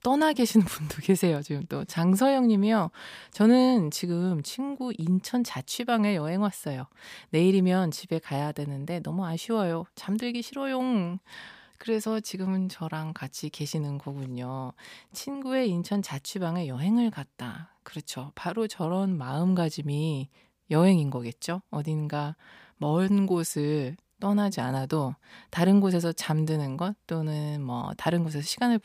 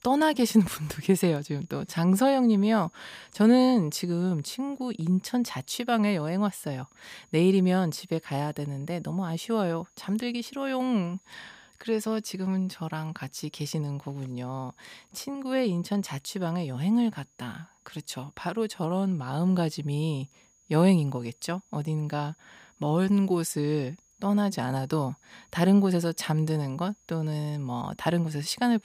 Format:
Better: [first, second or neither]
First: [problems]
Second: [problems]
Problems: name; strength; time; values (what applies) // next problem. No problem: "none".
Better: first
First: none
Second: high-pitched whine; faint; throughout; 6.5 kHz, 35 dB below the speech